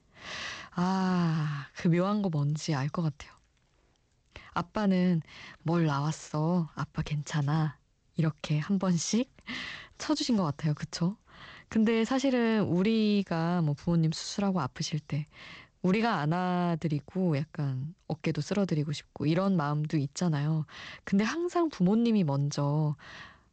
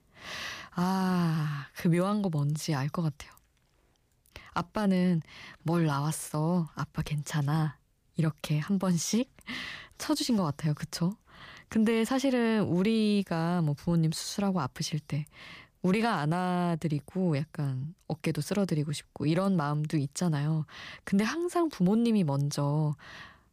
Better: second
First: garbled, watery; slightly; nothing above 7.5 kHz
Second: none

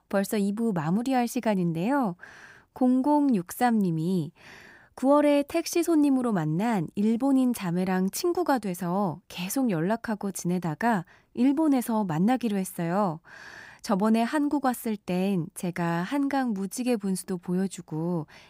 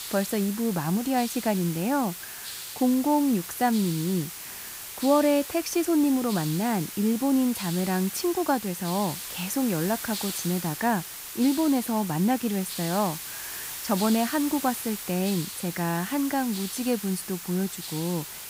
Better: first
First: none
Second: hiss; loud; throughout; 8 dB below the speech

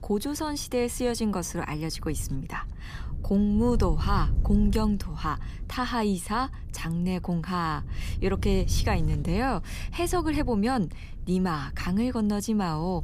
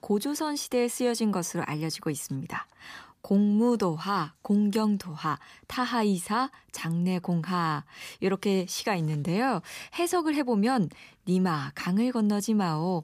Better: second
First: wind noise on the microphone; occasional gusts; 20 dB below the speech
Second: none

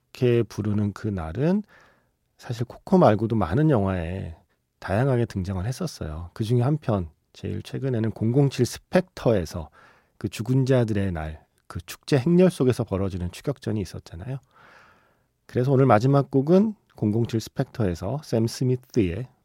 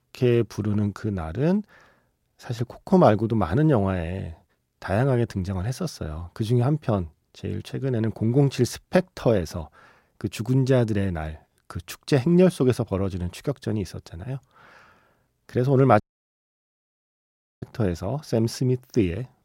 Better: first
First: none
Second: audio cutting out; at 16 s for 1.5 s

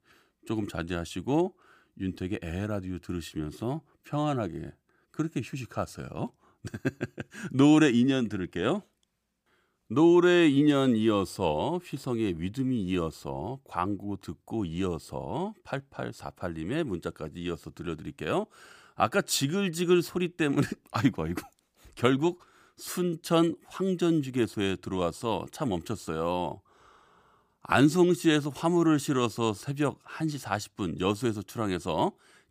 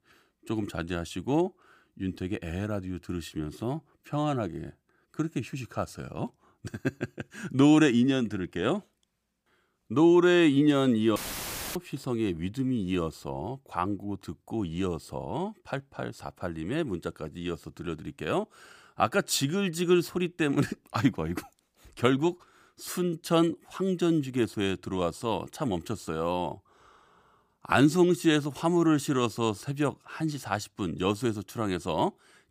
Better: first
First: none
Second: audio cutting out; filled with static; at 11 s for 0.5 s

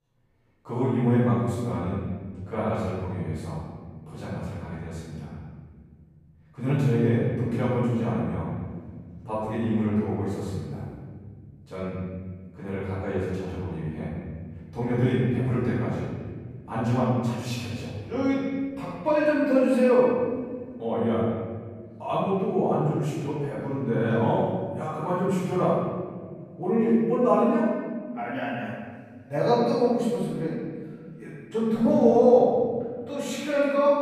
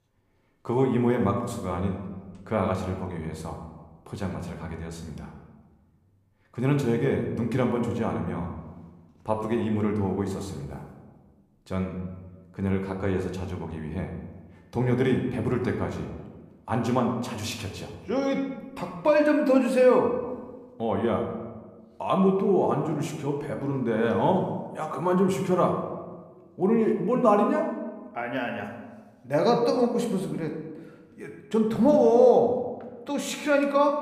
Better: second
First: room echo; strong; dies away in 2.1 s // off-mic speech; far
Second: room echo; slight; dies away in 0.9 s

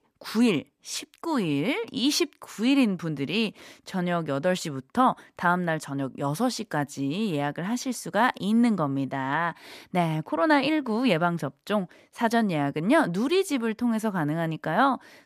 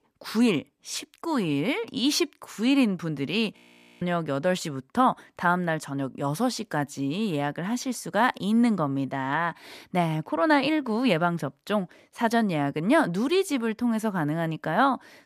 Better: first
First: none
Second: audio freezing; at 3.5 s

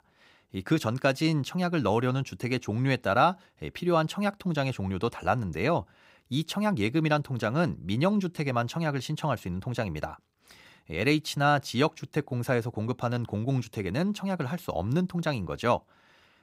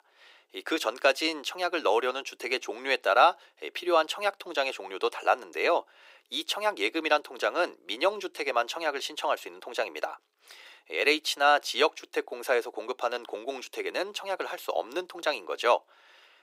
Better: first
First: none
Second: thin; very; fading below 350 Hz

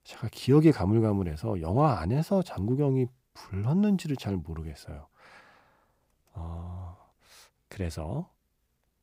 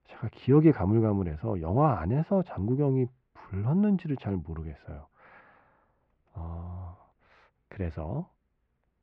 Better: first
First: none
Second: muffled; very; fading above 2.5 kHz

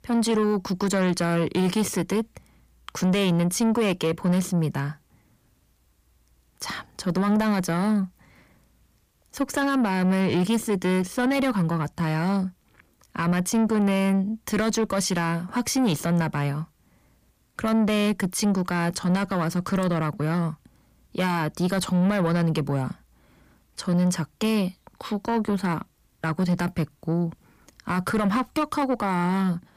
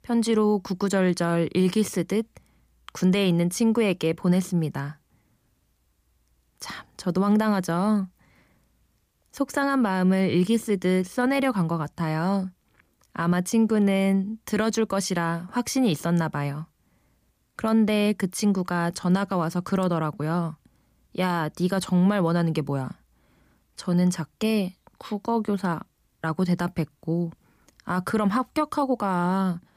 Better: second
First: distortion; slight; 10 dB below the speech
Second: none

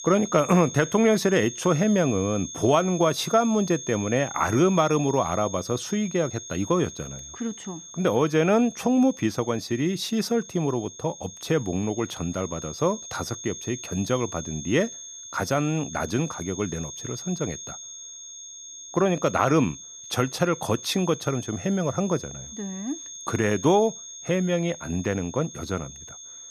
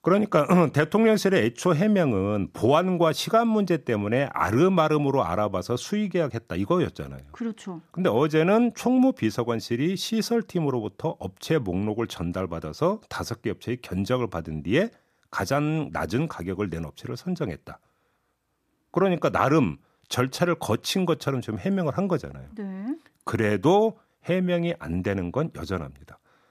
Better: second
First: high-pitched whine; noticeable; throughout; 6.5 kHz, 10 dB below the speech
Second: none

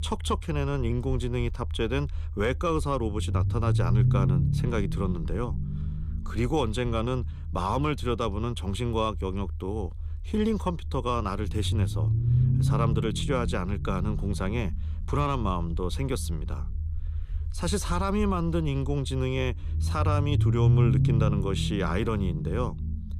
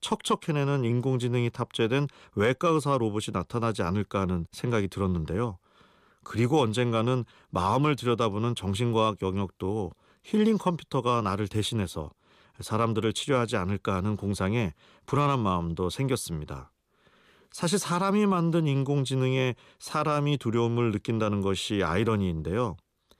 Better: second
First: low rumble; loud; throughout; 10 dB below the speech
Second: none

